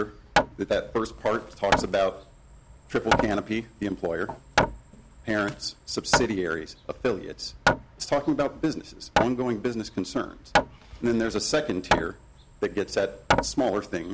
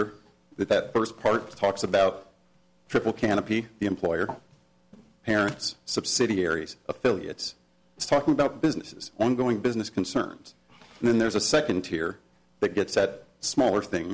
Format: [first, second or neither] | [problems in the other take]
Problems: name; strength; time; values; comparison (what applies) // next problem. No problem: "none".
second | background sound (Hammer); 2 dB below the speech